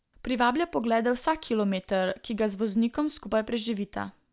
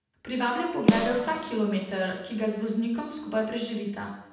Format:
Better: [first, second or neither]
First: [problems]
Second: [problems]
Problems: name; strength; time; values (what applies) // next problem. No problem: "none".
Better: first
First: none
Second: background sound (Snare drum); as loud as the speech // room echo; dies away in 0.8 s